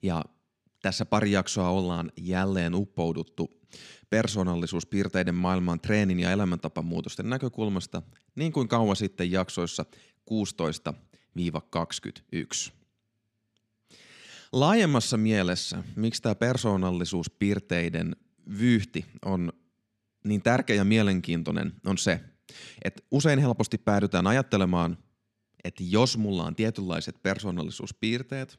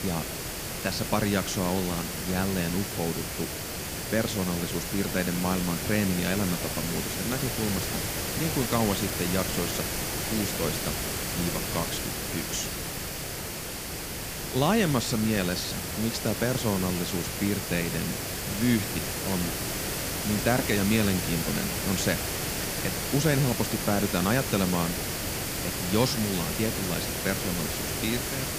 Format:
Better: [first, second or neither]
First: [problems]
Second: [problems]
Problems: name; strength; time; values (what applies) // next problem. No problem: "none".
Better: first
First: none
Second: hiss; loud; throughout; 1 dB below the speech